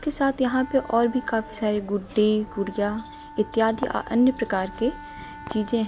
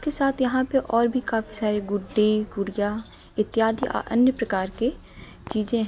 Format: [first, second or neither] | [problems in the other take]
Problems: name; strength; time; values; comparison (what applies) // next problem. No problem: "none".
second | background sound (Wind instrument, woodwind instrument); 18 dB below the speech